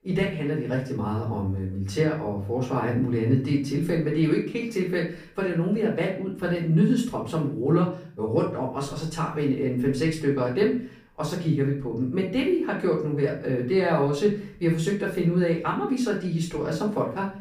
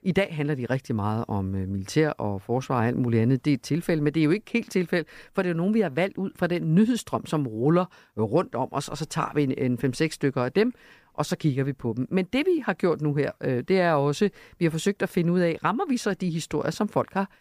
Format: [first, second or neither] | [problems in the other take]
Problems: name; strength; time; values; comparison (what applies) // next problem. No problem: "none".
second | off-mic speech; far // room echo; slight; dies away in 0.4 s